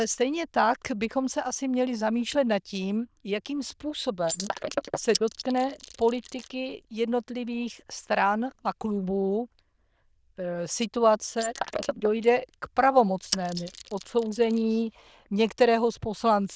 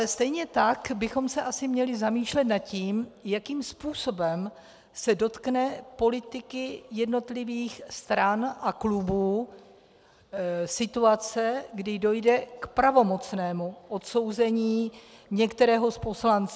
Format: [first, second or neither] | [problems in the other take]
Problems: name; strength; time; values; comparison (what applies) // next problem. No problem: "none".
second | noise reduction (neural diffusion model UNIVERSE++)